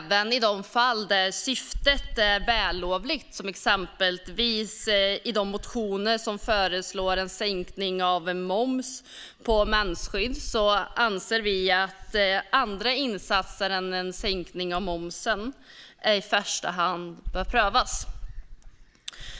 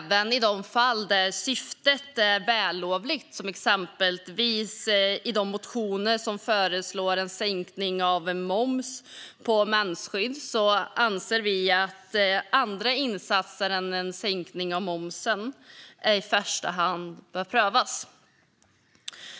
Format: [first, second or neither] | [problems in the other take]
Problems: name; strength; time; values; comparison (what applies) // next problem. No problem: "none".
second | background sound (Insect); 12 dB below the speech